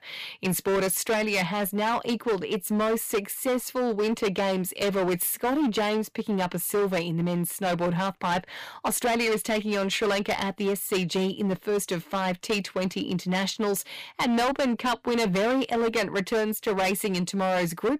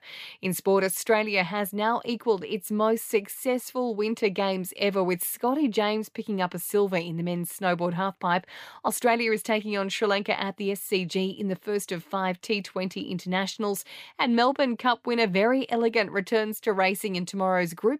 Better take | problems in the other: second | distortion; heavy; 17% of the sound clipped

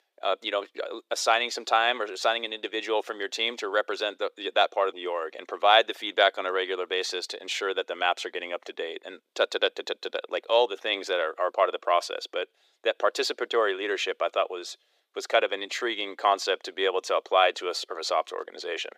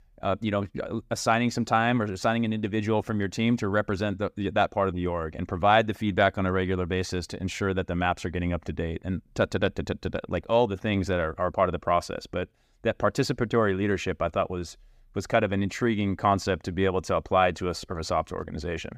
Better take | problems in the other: second | thin; very; fading below 350 Hz

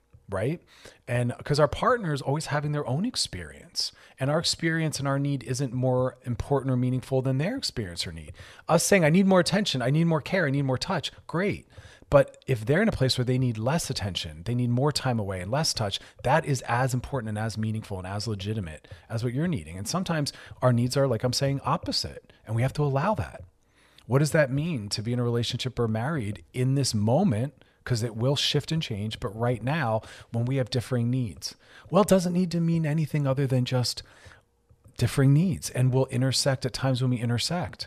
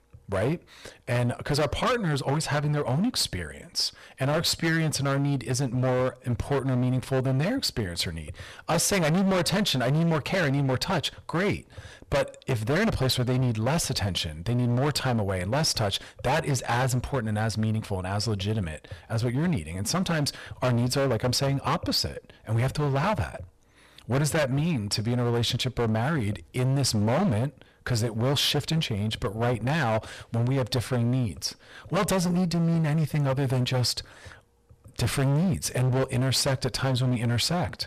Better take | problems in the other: first | distortion; heavy; 20% of the sound clipped

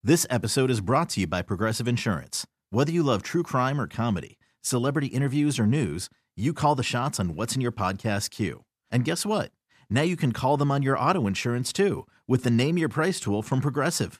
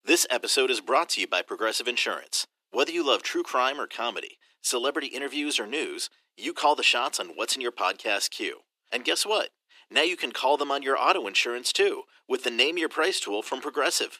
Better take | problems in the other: first | thin; very; fading below 350 Hz

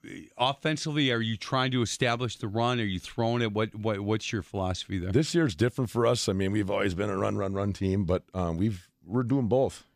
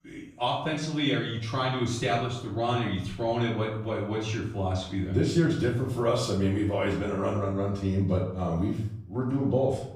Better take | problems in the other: first | off-mic speech; far // room echo; noticeable; dies away in 0.7 s

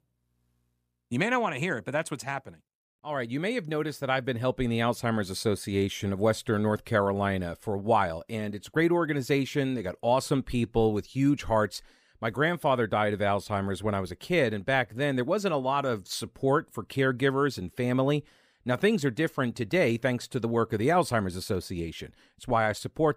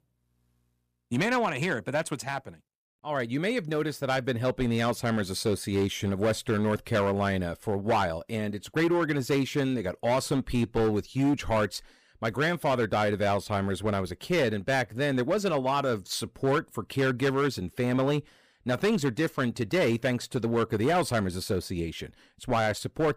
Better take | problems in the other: first | distortion; slight; 8% of the sound clipped

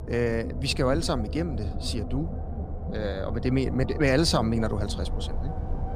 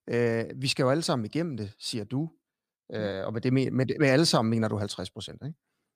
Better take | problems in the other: second | low rumble; noticeable; throughout; 10 dB below the speech

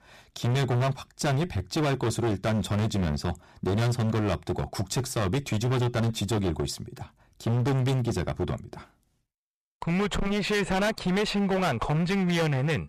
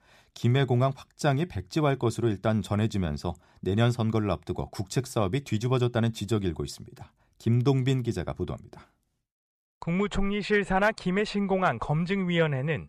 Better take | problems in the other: second | distortion; heavy; 27% of the sound clipped

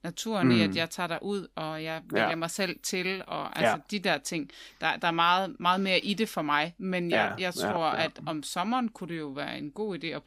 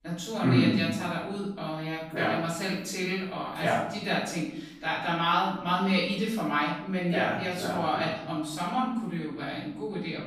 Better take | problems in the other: first | off-mic speech; far // room echo; noticeable; dies away in 0.7 s

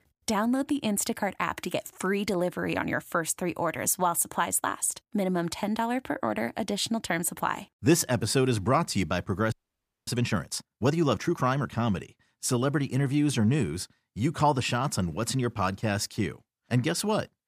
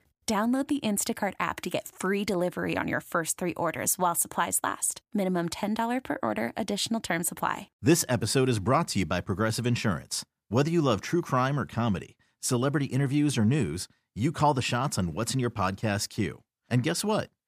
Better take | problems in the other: second | audio freezing; at 9.5 s for 0.5 s

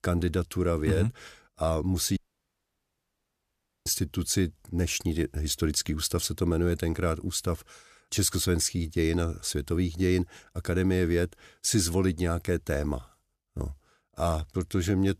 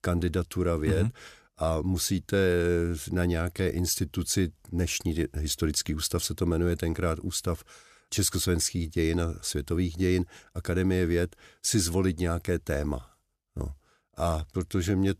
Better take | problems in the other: second | audio cutting out; at 2 s for 1.5 s

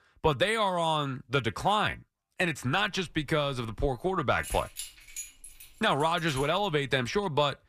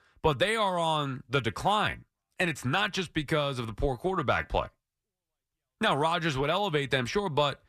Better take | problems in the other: second | jangling keys; noticeable; from 2.5 to 7 s; peak 10 dB below the speech

